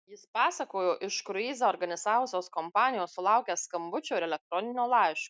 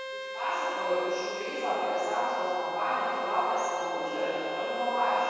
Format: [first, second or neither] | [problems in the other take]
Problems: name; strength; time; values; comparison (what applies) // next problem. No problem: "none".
first | background sound (Bowed string instrument); 6 dB below the speech // room echo; dies away in 2.2 s